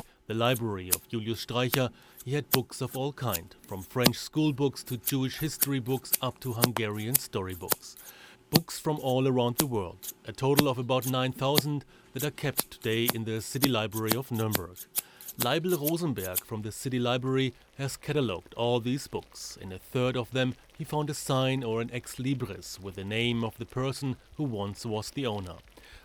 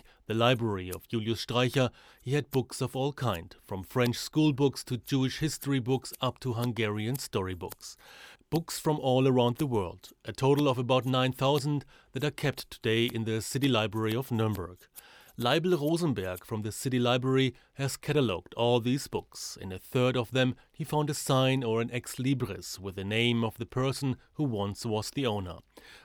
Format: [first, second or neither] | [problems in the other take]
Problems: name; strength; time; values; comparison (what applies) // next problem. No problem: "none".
second | household noises; loud; throughout; as loud as the speech; faint in the second